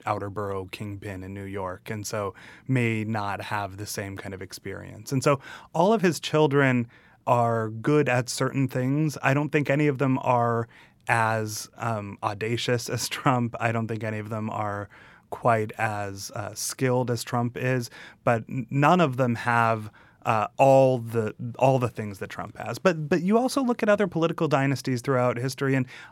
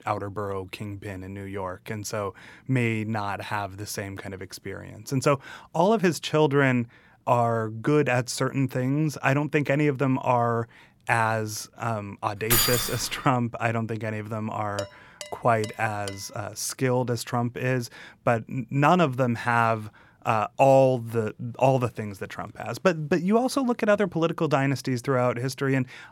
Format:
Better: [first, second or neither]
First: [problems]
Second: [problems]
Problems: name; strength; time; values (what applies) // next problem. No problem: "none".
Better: first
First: none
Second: jangling keys; loud; at 13 s; peak 5 dB above the speech // clattering dishes; faint; from 15 to 16 s; peak 10 dB below the speech